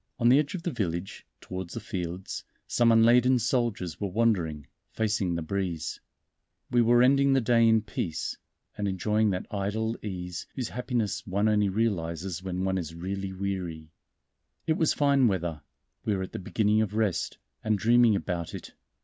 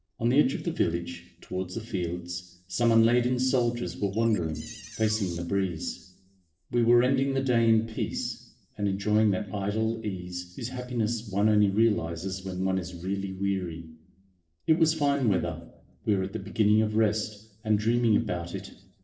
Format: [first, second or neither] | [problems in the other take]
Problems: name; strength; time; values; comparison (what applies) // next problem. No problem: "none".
first | noise reduction (neural separator model SepFormer DNS4)